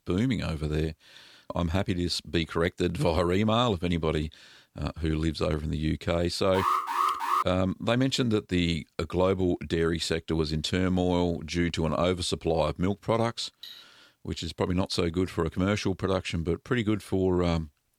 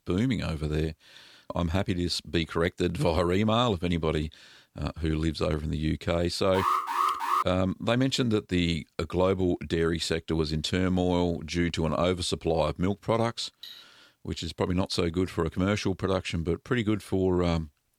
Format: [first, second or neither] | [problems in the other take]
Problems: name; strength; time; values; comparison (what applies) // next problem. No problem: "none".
neither | alarm; loud; at 6.5 s; peak 2 dB above the speech; the same in both // clattering dishes; faint; at 14 s; peak 15 dB below the speech; the same in both